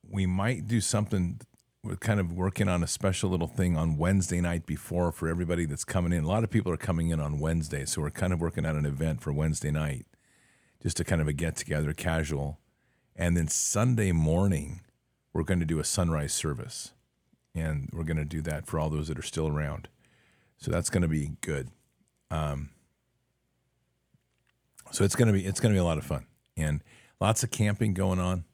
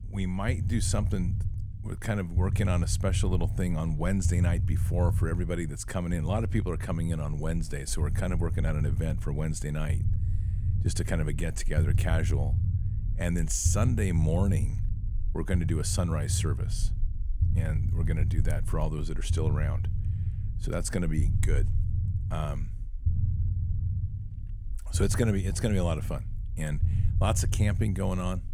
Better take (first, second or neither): first